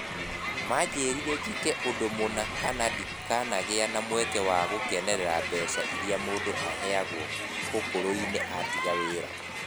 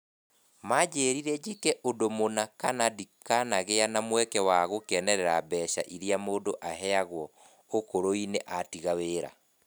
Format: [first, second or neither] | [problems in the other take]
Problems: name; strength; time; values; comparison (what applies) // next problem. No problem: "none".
second | background sound (Crowd); 2 dB below the speech